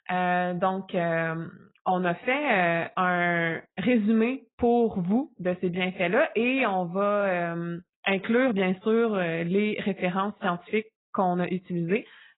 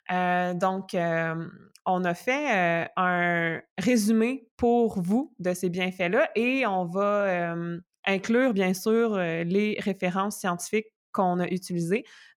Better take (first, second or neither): second